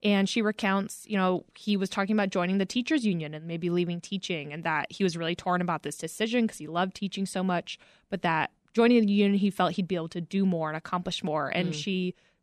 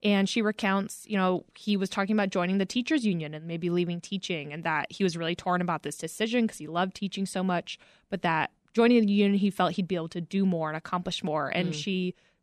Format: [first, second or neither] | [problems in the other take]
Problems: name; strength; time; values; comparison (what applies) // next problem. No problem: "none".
neither | none